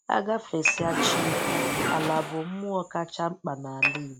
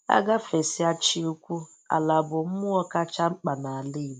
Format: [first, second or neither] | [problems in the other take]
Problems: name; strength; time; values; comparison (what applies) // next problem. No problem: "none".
second | background sound (Engine / Mechanisms + Dishes, pots, and pans / Glass); 1 dB above the speech